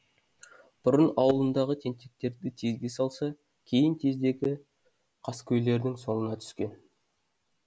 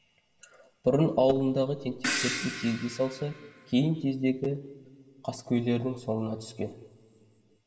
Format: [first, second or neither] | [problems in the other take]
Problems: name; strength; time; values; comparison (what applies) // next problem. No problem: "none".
first | background sound (Crash cymbal); 6 dB below the speech // room echo; dies away in 2.6 s